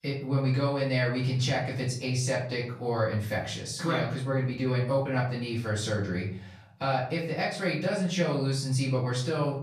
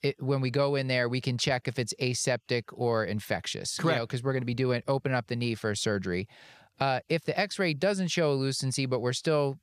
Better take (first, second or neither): second